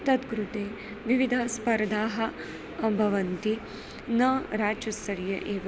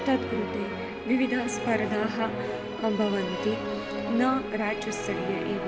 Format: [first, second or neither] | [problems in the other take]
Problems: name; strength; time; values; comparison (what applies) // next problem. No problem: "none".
first | background sound (Musical instrument); 4 dB below the speech // room echo; dies away in 1.1 s